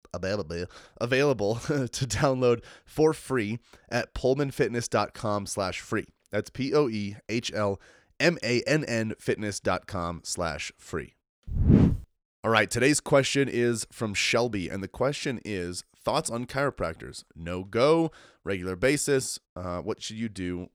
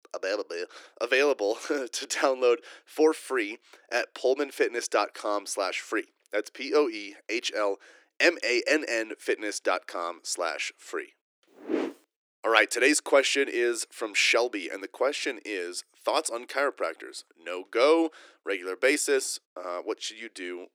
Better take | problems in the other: first | thin; somewhat; fading below 300 Hz

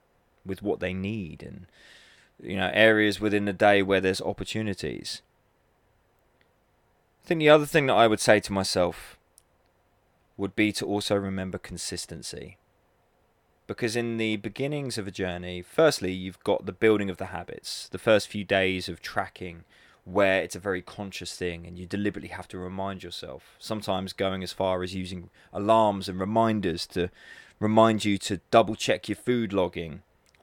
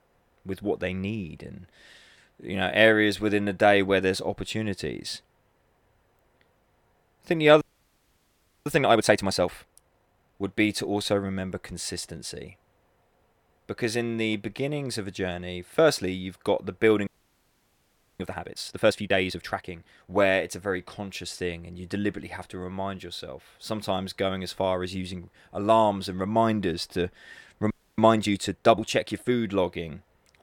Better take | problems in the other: first | audio freezing; at 7.5 s for 1 s, at 17 s for 1 s and at 28 s

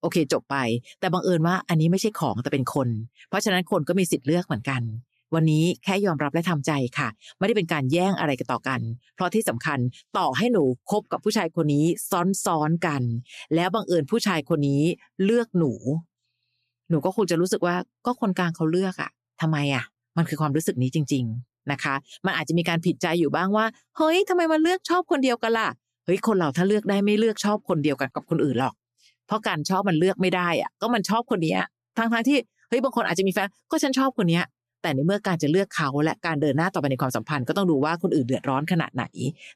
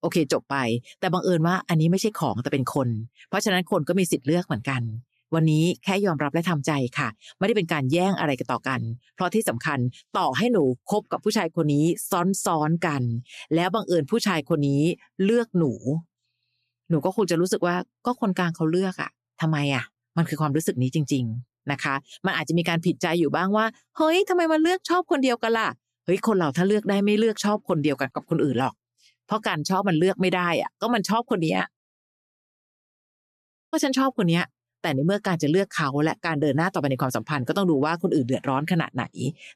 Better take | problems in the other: first | audio cutting out; at 32 s for 2 s

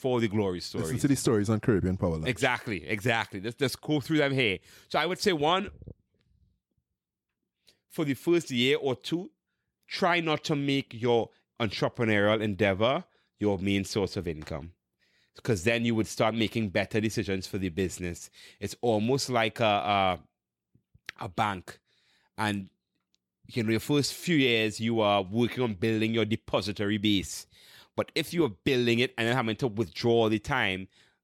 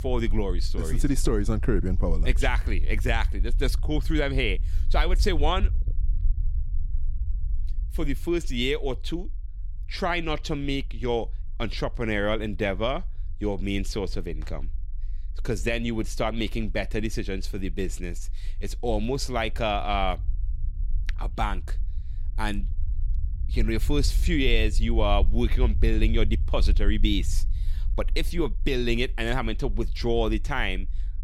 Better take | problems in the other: first | low rumble; faint; throughout; 25 dB below the speech

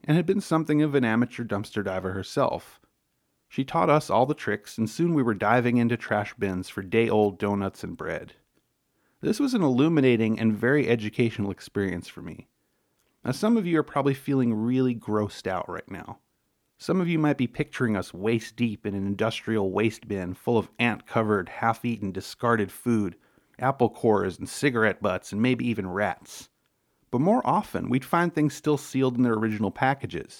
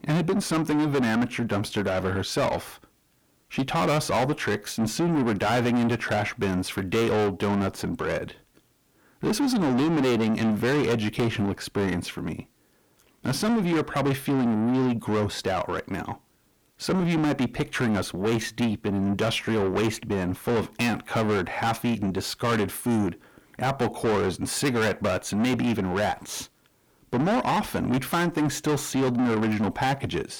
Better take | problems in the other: first | distortion; heavy; 6 dB below the speech

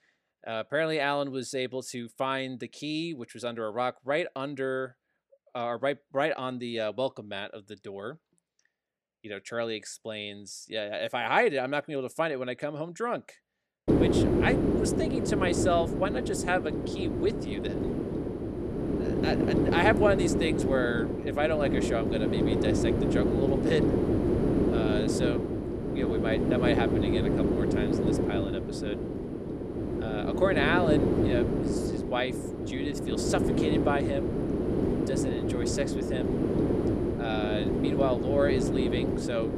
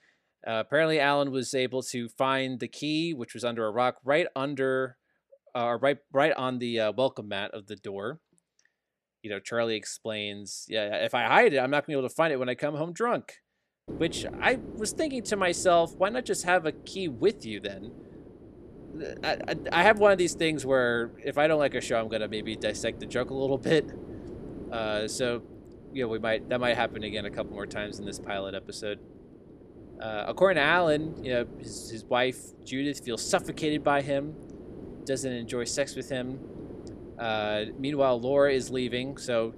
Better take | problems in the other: second | wind noise on the microphone; heavy; from 14 s on; 1 dB below the speech; occasional gusts in the second

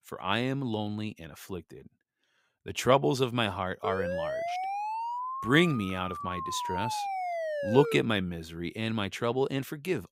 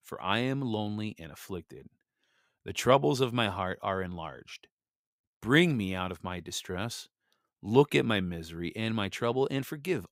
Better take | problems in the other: second | siren; noticeable; from 4 to 8 s; peak 3 dB below the speech

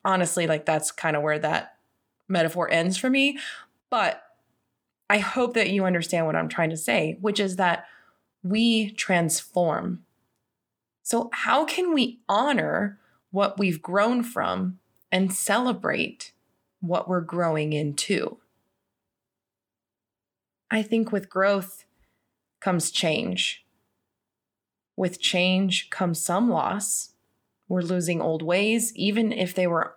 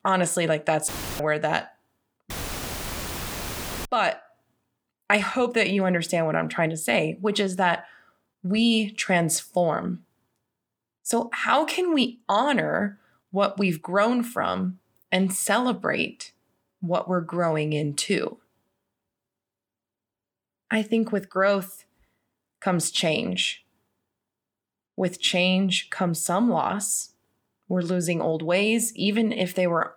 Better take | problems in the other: first | audio cutting out; filled with static; at 1 s and at 2.5 s for 1.5 s

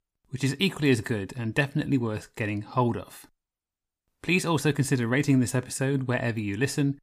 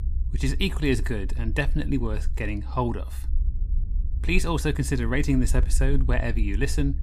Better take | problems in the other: first | low rumble; faint; throughout; 20 dB below the speech

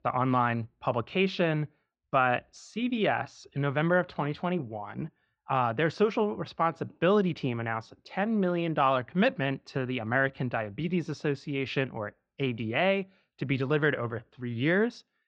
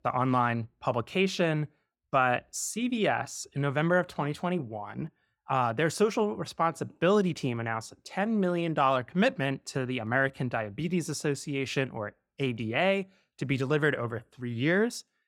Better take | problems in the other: second | muffled; slightly; fading above 4 kHz

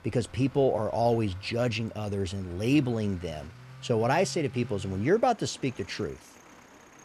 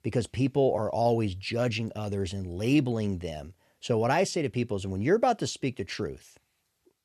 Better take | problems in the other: second | traffic noise; faint; throughout; 20 dB below the speech

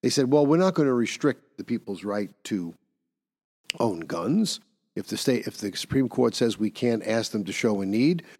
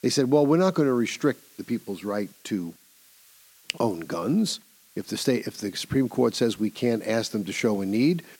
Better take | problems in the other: first | hiss; faint; throughout; 25 dB below the speech

